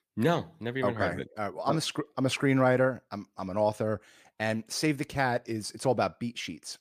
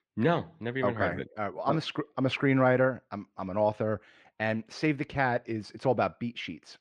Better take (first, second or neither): first